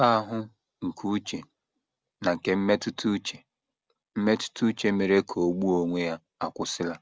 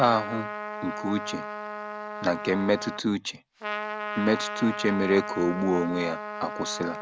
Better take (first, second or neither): first